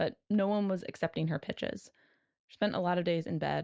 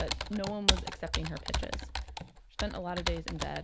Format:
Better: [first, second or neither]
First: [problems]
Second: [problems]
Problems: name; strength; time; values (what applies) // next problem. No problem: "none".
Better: first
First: none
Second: background sound (Computer keyboard); 4 dB above the speech